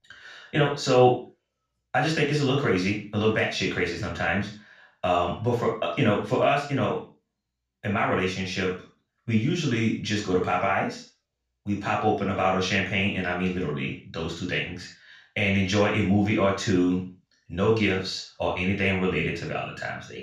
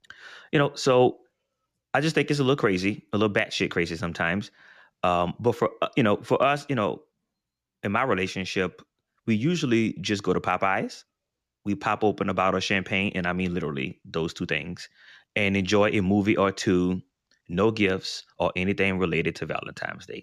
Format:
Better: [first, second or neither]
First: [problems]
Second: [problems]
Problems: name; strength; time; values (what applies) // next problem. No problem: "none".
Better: second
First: room echo; noticeable; dies away in 0.3 s // off-mic speech; far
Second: none